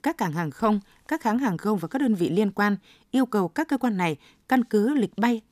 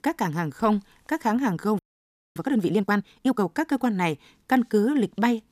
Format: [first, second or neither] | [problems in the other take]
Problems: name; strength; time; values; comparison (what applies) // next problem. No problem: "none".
first | audio freezing; at 2 s for 0.5 s